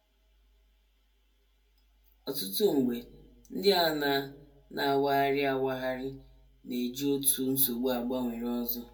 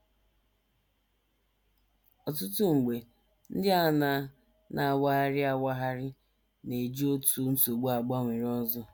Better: second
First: room echo; dies away in 0.2 s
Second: none

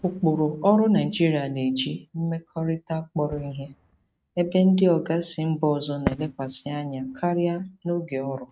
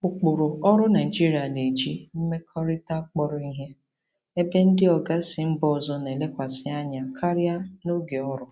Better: second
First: noise reduction (neural mask model RNNoise)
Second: none

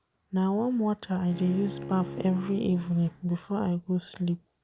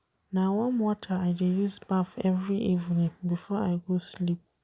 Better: second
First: background sound (Bowed string instrument); 13 dB below the speech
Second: none

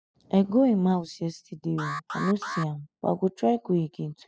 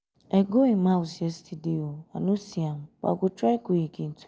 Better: second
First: noise reduction (classical method spectral subtraction)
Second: none

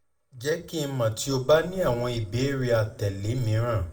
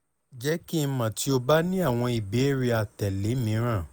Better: second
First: room echo; dies away in 0.4 s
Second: none

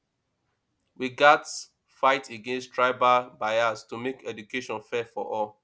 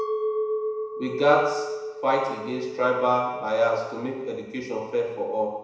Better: first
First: none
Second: background sound (Chink, clink); 7 dB below the speech // room echo; dies away in 1 s

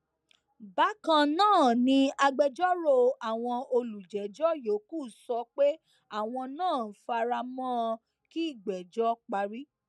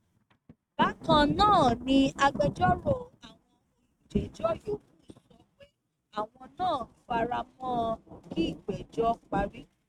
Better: first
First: none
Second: noise reduction (neural mask model RNNoise)

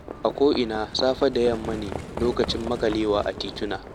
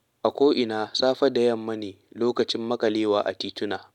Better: second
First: background sound (Livestock, farm animals, working animals); 10 dB below the speech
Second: none

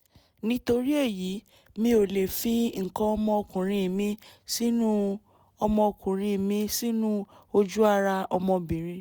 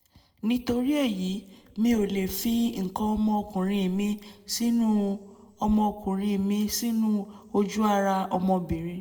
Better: first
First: none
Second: room echo; dies away in 0.9 s

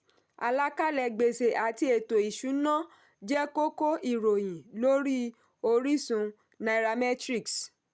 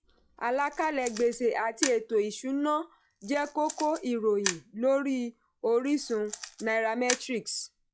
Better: first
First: none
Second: noise reduction (classical method log-MMSE)

